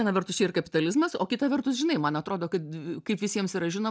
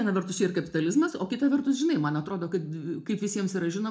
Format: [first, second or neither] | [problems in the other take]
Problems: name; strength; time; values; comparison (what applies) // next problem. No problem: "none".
first | room echo; dies away in 0.3 s